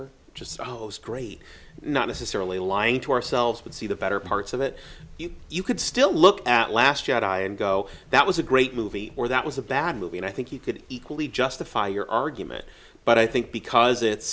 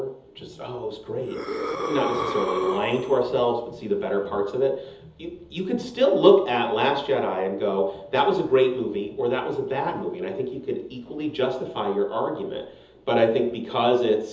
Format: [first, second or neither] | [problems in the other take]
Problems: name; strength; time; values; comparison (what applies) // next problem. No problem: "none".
first | background sound (Breathing); 7 dB below the speech // room echo; dies away in 0.7 s